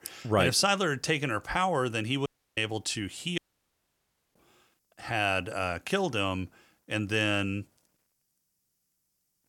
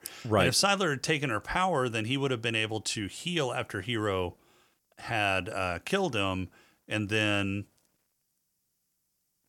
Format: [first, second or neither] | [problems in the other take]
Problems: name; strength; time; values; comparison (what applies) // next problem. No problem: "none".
second | audio cutting out; at 2.5 s and at 3.5 s for 1 s